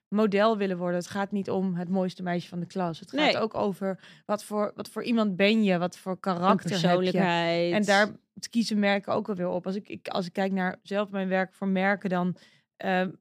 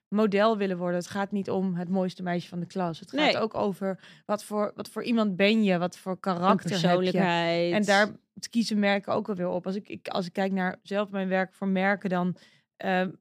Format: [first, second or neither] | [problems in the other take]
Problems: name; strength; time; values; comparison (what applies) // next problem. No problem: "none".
neither | none